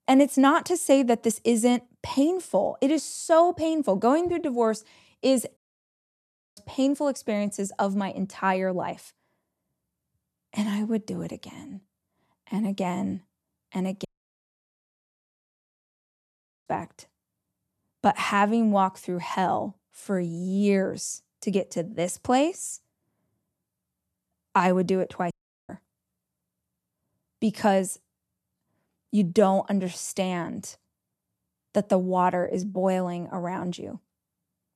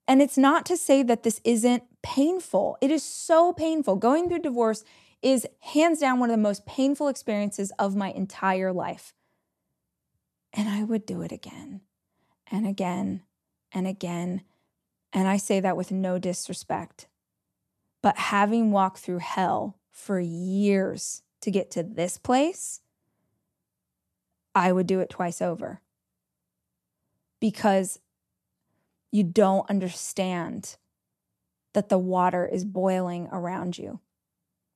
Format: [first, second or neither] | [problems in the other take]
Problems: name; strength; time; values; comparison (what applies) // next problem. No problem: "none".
second | audio cutting out; at 5.5 s for 1 s, at 14 s for 2.5 s and at 25 s